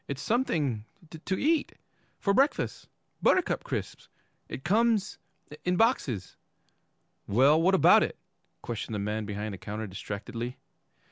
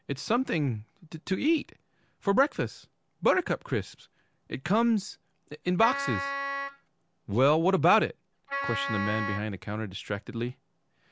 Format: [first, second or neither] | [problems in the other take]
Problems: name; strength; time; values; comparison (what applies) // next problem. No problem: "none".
first | background sound (Wind instrument, woodwind instrument); 4 dB below the speech